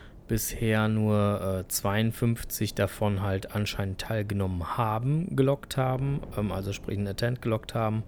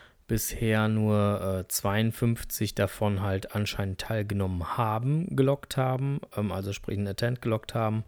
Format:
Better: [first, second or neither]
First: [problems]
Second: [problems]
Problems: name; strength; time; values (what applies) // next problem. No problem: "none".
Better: second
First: wind noise on the microphone; occasional gusts; 25 dB below the speech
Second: none